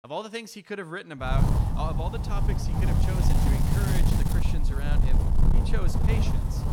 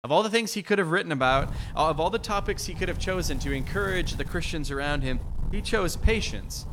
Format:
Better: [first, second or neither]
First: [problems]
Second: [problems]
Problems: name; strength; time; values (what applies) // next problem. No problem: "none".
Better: second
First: wind noise on the microphone; heavy; from 1.5 s on; as loud as the speech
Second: wind noise on the microphone; occasional gusts; from 1.5 s on; 20 dB below the speech